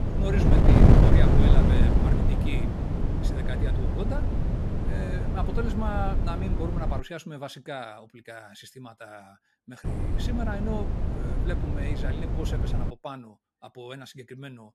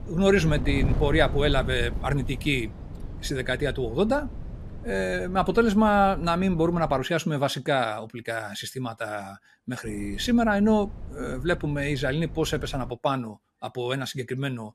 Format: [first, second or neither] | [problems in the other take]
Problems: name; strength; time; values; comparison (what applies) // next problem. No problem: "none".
second | wind noise on the microphone; heavy; until 7 s and from 10 to 13 s; 4 dB above the speech; occasional gusts in the second